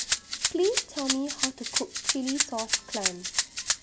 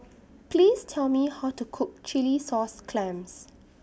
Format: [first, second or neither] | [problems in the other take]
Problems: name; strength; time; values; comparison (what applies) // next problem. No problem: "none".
second | background sound (Rattle (instrument)); 3 dB above the speech